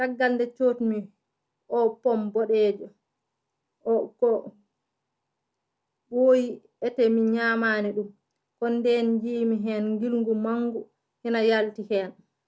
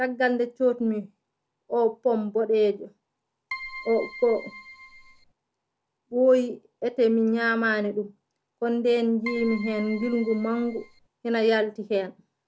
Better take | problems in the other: first | background sound (Keyboard (musical)); 14 dB below the speech

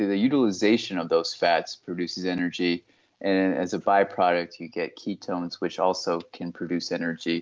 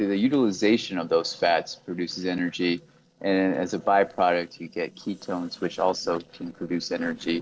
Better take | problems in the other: first | noise reduction (neural separator model SepFormer DNS4)

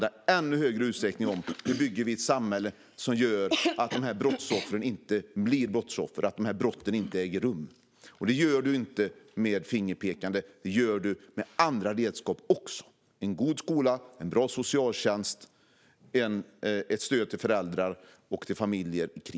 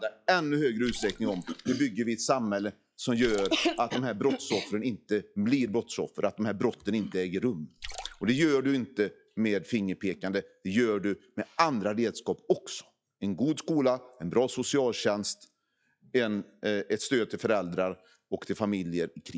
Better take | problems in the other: first | noise reduction (classical method log-MMSE)

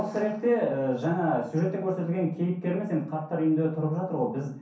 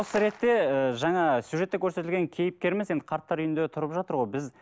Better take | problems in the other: second | room echo; dies away in 0.6 s

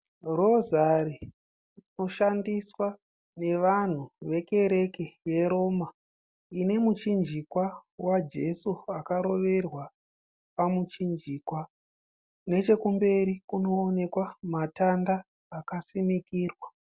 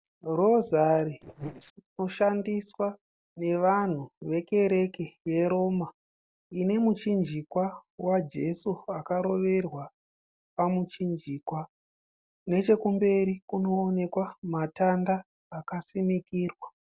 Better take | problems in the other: first | noise reduction (neural separator model SepFormer DNS4)

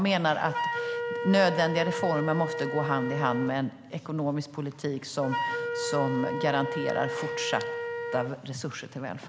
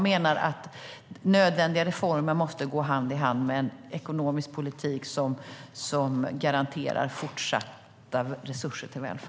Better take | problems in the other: second | background sound (Wind instrument, woodwind instrument); 5 dB below the speech

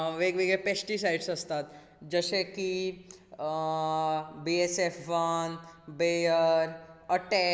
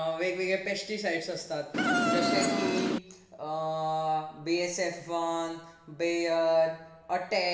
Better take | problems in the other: first | background sound (Insect); 4 dB above the speech // room echo; dies away in 0.7 s

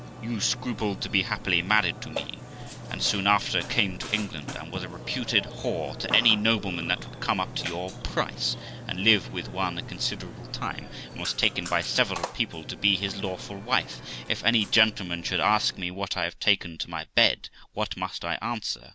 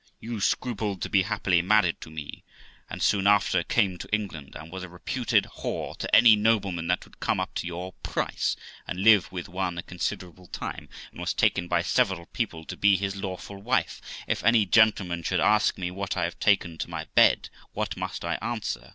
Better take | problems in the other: second | background sound (Burping, eructation); 12 dB below the speech

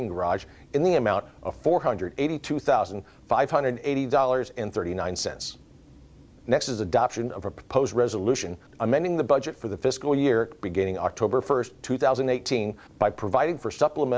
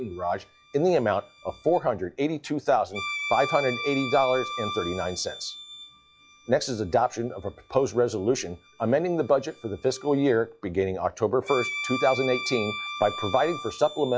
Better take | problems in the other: first | noise reduction (classical method log-MMSE)

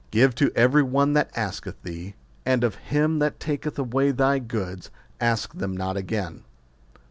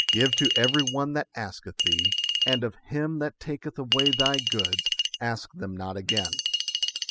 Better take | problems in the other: first | noise reduction (classical method spectral subtraction)

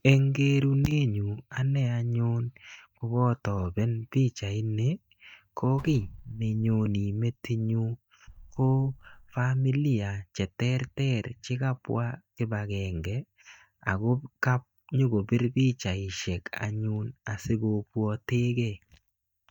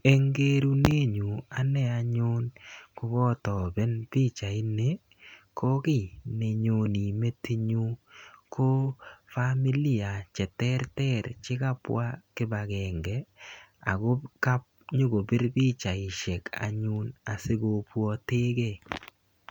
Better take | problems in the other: second | noise reduction (neural mask model DeepFilterNet 3)

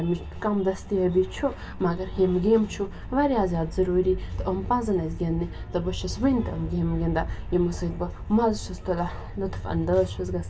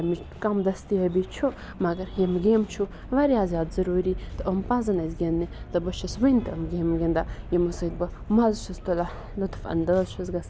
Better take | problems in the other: second | room echo; dies away in 0.2 s

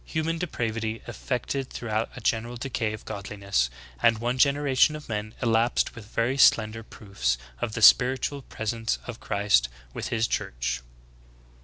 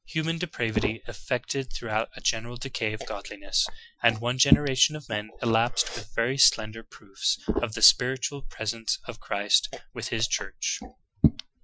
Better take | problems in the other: first | noise reduction (classical method Wiener filter)

